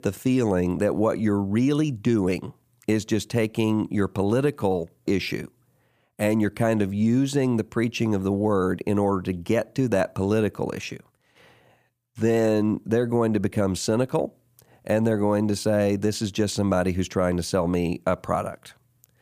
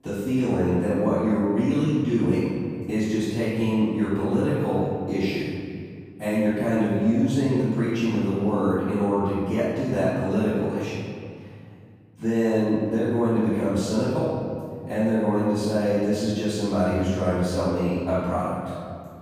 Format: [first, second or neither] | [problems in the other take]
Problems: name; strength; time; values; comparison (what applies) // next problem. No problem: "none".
first | off-mic speech; far // room echo; strong; dies away in 2.2 s